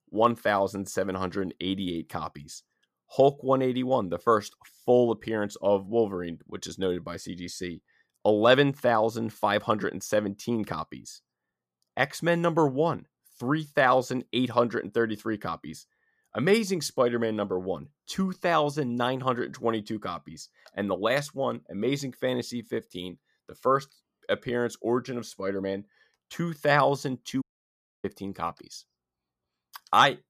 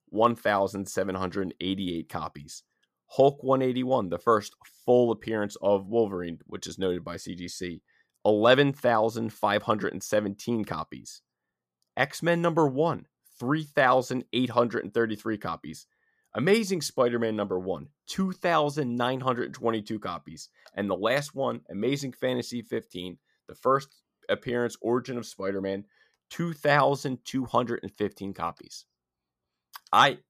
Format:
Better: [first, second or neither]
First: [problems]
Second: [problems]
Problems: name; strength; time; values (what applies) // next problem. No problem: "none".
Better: second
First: audio cutting out; at 27 s for 0.5 s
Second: none